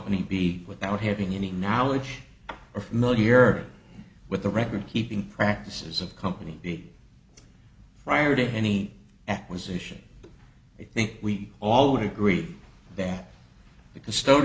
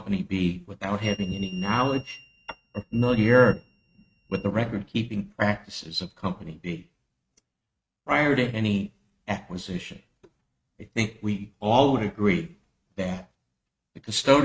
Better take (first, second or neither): first